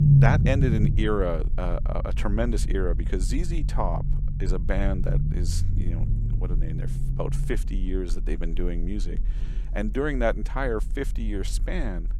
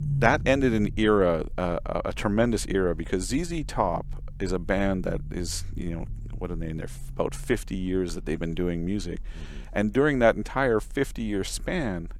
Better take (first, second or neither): second